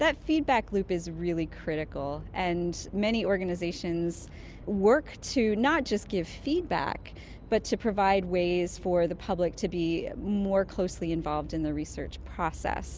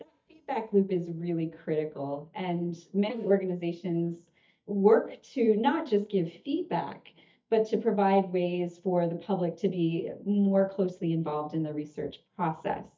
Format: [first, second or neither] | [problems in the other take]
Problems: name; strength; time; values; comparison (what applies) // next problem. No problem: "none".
first | noise reduction (neural mask model DeepFilterNet 3)